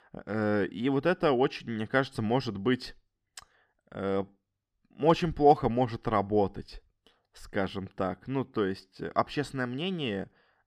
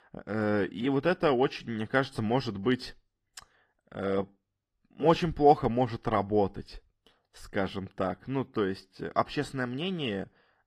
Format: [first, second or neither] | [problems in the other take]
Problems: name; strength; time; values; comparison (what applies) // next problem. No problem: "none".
first | garbled, watery; slightly; nothing above 15 kHz